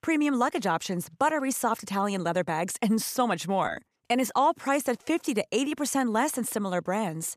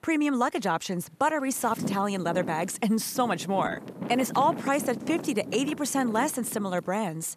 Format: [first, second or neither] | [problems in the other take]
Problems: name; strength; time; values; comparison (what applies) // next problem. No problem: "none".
first | wind noise on the microphone; occasional gusts; 15 dB below the speech